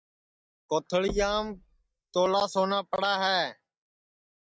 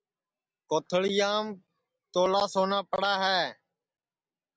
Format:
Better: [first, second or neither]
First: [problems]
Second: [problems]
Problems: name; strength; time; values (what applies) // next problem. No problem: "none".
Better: second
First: noise reduction (neural mask model DeepFilterNet 3)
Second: none